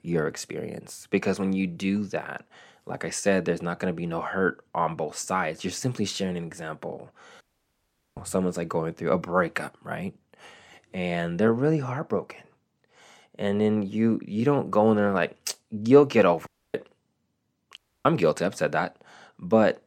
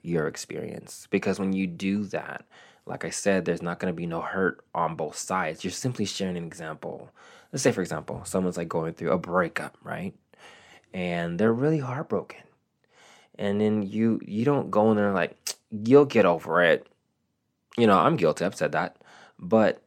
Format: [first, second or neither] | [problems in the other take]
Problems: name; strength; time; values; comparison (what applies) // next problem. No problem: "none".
second | audio cutting out; at 7.5 s for 1 s, at 16 s and at 18 s